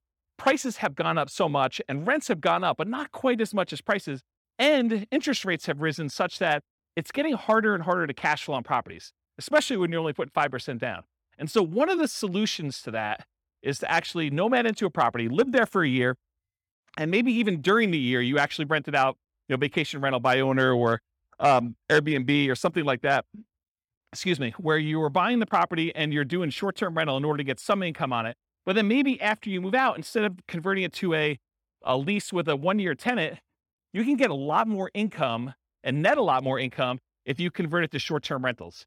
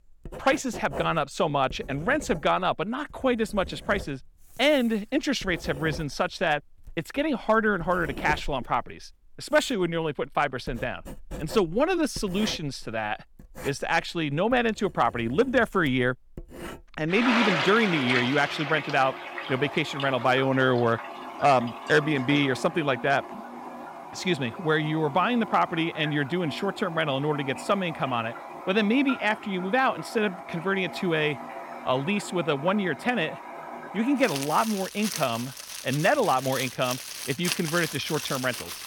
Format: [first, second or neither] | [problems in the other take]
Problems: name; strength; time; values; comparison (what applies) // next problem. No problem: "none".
first | household noises; loud; throughout; 10 dB below the speech